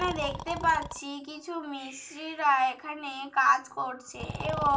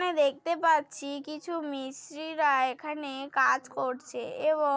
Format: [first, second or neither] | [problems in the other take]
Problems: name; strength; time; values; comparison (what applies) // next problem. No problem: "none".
second | background sound (Breathing); 12 dB below the speech // room echo; dies away in 0.2 s